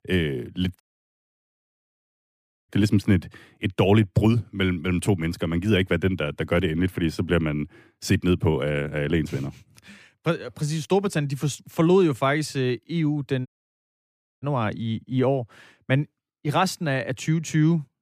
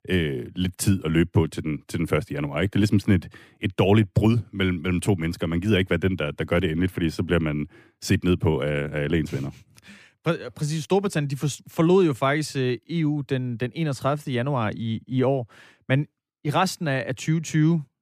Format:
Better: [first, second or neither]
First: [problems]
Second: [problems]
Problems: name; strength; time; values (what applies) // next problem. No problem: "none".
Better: second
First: audio cutting out; at 1 s for 2 s and at 13 s for 1 s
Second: none